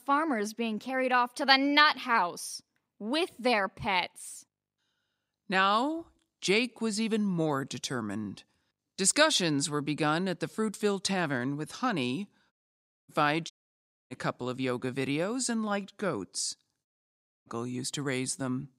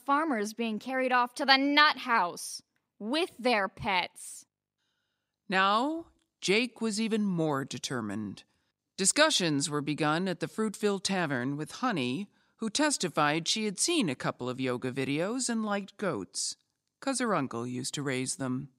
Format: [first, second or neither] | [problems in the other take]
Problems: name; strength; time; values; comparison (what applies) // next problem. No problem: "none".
second | audio cutting out; at 13 s for 0.5 s, at 14 s for 0.5 s and at 17 s for 0.5 s